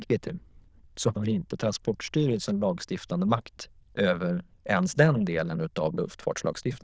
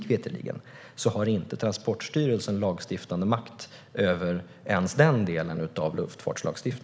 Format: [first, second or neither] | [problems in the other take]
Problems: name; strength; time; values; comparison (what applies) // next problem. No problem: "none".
second | noise reduction (neural diffusion model UNIVERSE++)